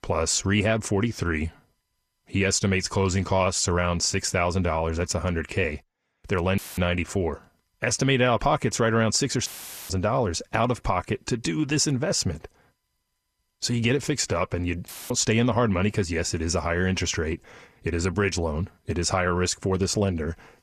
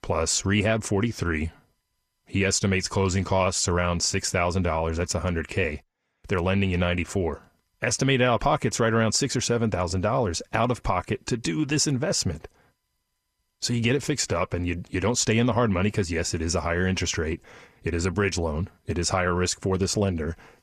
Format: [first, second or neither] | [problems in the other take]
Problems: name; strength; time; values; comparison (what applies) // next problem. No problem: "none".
second | audio cutting out; filled with static; at 6.5 s, at 9.5 s and at 15 s